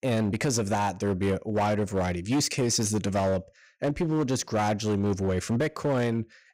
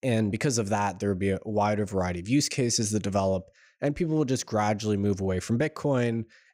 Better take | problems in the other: second | distortion; slight; 12% of the sound clipped

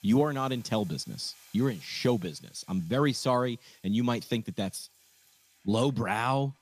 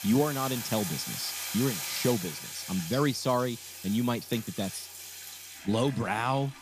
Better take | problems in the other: first | household noises; loud; throughout; 7 dB below the speech; faint in the first

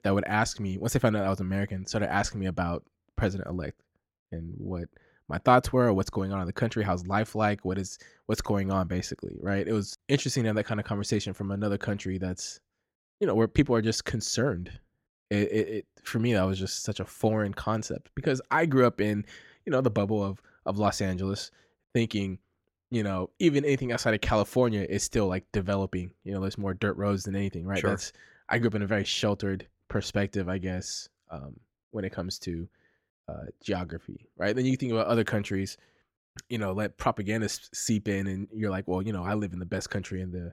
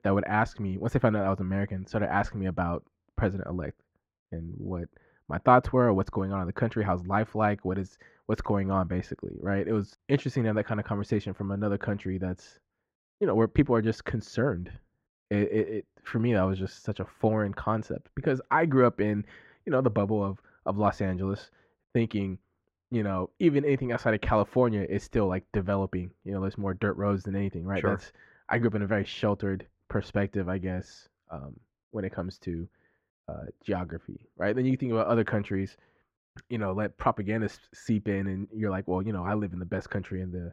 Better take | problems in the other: first | muffled; very; fading above 4 kHz

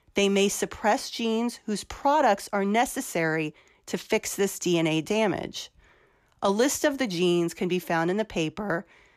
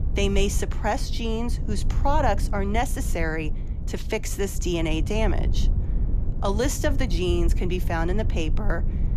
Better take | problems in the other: first | low rumble; noticeable; throughout; 15 dB below the speech

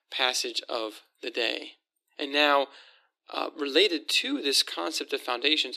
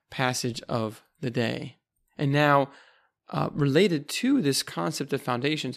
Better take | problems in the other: second | thin; somewhat; fading below 300 Hz

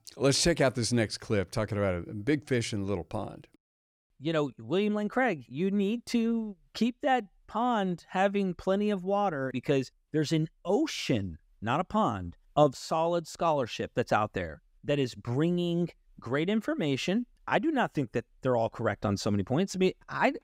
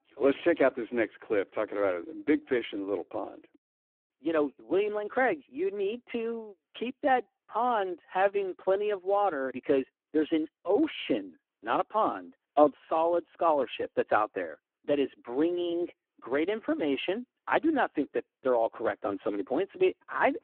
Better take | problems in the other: first | phone-call audio; poor line

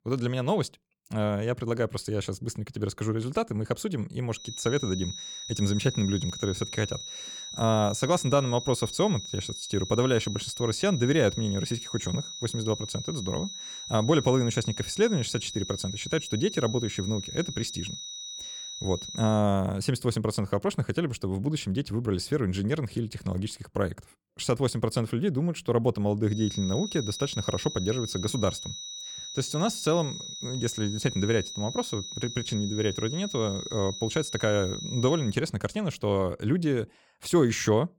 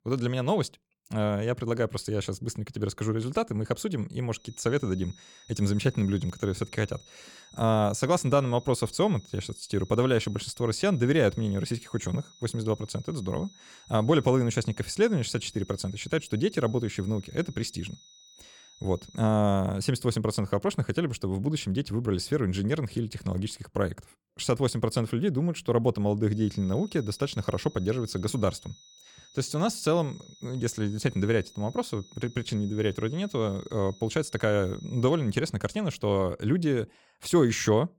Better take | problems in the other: second | high-pitched whine; loud; from 4.5 to 19 s and from 26 to 35 s; 4 kHz, 8 dB below the speech; faint in the second

